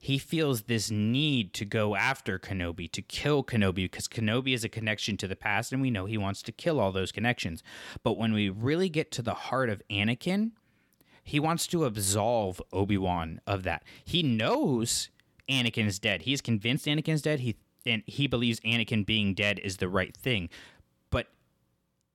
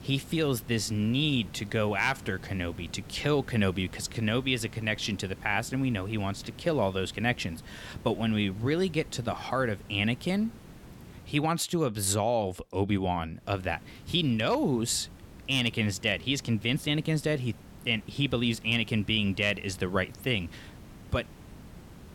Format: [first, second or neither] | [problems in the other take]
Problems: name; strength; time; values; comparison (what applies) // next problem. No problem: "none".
first | hiss; noticeable; until 11 s and from 13 s on; 20 dB below the speech